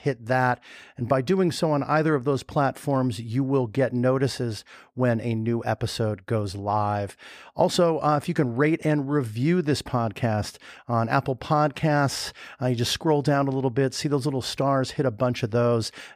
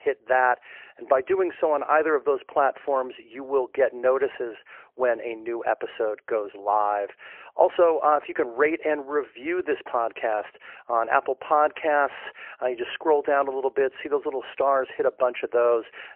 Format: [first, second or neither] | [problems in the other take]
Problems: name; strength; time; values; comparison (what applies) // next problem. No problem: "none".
first | phone-call audio; poor line; nothing above 3 kHz